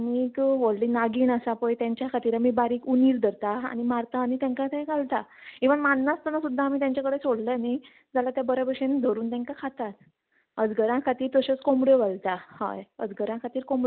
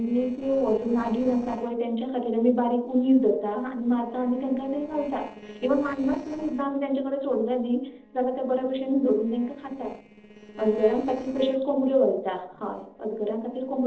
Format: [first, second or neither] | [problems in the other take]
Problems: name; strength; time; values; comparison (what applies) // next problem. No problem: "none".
first | noise reduction (neural separator model SepFormer DNS4)